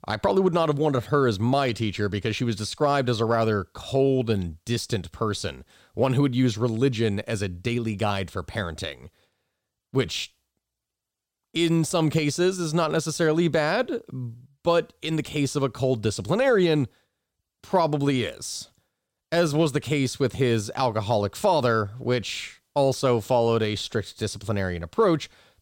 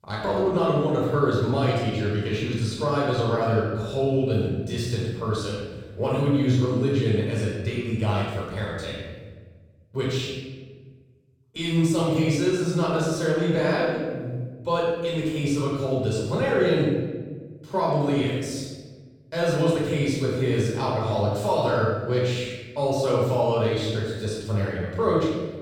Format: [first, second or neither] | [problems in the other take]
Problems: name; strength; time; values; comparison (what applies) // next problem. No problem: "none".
first | off-mic speech; far // room echo; strong; dies away in 1.3 s